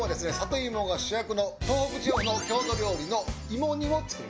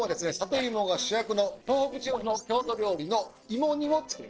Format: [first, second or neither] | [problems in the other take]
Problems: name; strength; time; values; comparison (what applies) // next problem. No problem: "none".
first | noise reduction (neural separator model SepFormer DNS4)